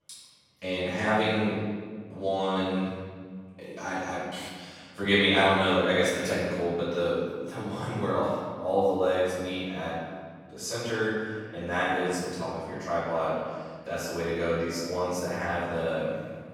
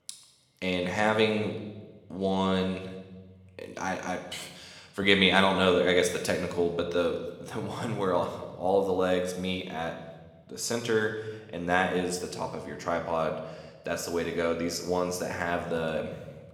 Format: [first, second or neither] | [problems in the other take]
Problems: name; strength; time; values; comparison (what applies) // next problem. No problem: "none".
second | room echo; strong; dies away in 1.6 s; slight in the second // off-mic speech; far